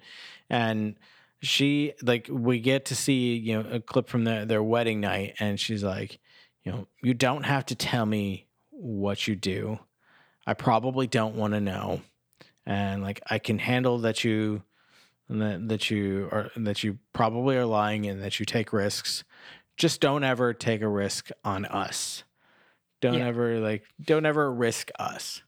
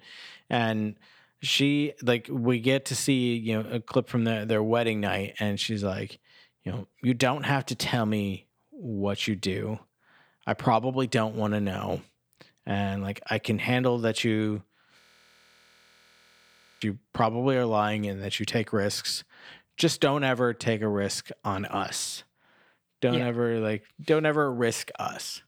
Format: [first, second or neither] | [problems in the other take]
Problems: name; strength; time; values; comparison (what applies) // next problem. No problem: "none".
first | audio freezing; at 15 s for 2 s